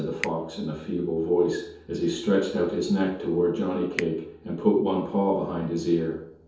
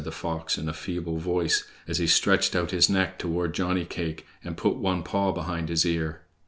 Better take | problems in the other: second | background sound (Finger snapping); 18 dB below the speech // room echo; dies away in 0.7 s

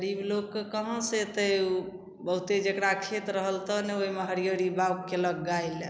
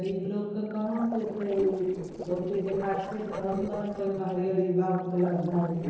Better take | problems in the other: first | noise reduction (neural separator model SepFormer DNS4)

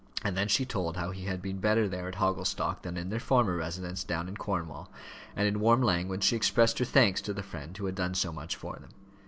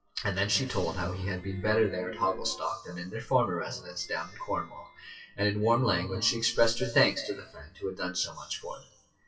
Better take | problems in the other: first | noise reduction (classical method WPE with log-MMSE)

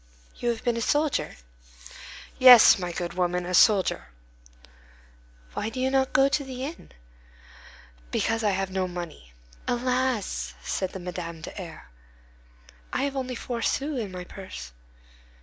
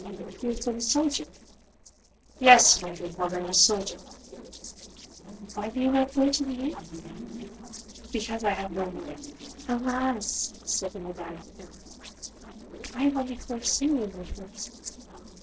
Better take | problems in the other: first | noise reduction (neural separator model SepFormer DNS4)

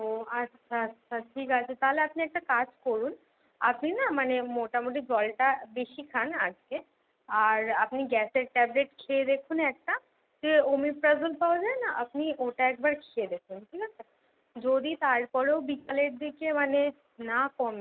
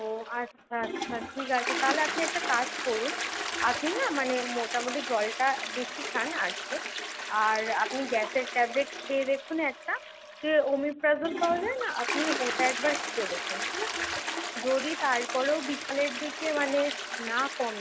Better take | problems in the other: first | background sound (Toilet flush); 5 dB below the speech

